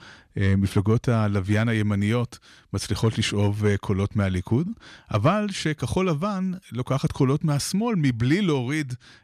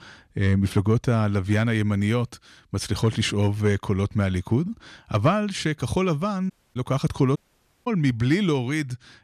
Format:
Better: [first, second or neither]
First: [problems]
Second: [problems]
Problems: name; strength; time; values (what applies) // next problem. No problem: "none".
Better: first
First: none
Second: audio cutting out; at 6.5 s and at 7.5 s for 0.5 s